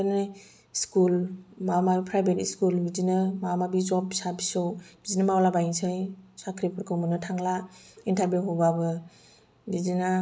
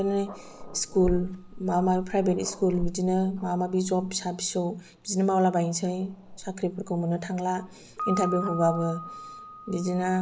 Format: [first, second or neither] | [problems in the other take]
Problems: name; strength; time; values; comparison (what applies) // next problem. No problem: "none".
first | background sound (Growling + Piano); 11 dB below the speech